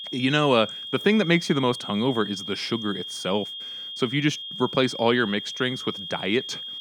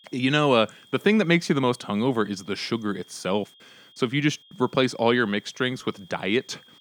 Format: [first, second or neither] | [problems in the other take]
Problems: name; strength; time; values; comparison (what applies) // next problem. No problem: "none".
second | high-pitched whine; loud; throughout; 3.5 kHz, 8 dB below the speech; faint in the second